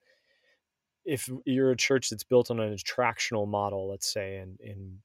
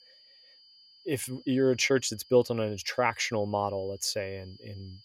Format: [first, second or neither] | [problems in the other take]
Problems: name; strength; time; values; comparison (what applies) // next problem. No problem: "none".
first | high-pitched whine; faint; throughout; 5 kHz, 25 dB below the speech